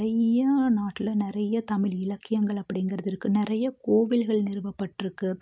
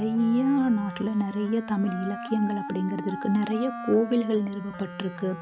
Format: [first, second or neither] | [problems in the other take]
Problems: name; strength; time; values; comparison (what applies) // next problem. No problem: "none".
first | background sound (Wind instrument, woodwind instrument); 11 dB below the speech